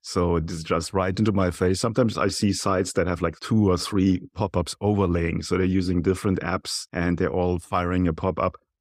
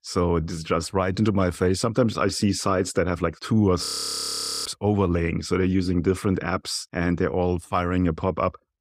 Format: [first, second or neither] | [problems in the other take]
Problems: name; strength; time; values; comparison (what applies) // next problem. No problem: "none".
first | audio freezing; at 4 s for 1 s